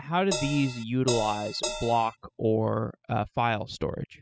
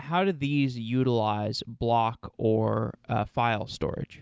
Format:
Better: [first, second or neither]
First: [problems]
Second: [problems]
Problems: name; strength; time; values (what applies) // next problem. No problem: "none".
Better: second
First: noise reduction (classical method spectral subtraction)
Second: none